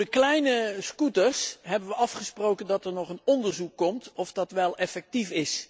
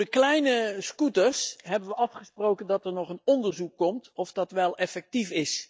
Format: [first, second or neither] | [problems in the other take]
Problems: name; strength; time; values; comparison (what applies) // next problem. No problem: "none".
first | noise reduction (neural mask model DeepFilterNet 3)